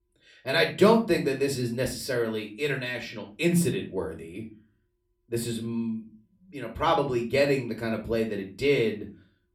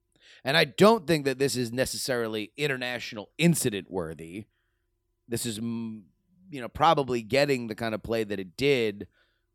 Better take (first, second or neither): second